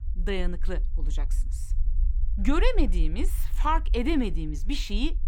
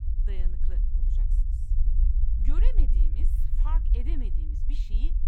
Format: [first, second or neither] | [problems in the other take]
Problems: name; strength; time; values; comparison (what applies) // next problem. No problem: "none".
first | low rumble; loud; throughout; 4 dB below the speech; faint in the first